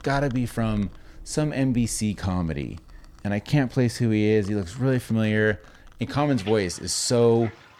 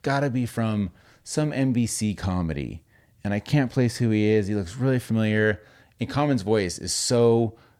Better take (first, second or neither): second